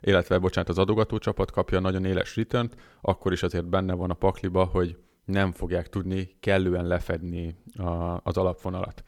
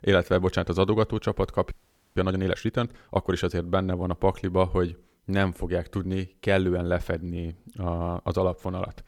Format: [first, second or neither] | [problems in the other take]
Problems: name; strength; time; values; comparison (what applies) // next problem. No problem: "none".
first | audio freezing; at 1.5 s